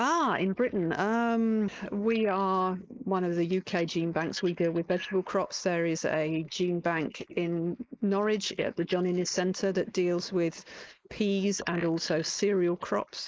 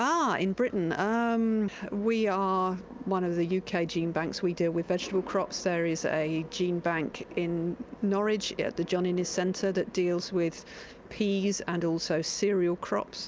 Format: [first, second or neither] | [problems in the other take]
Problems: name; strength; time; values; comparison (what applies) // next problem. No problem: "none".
second | noise reduction (neural mask model Resemble Enhance denoiser)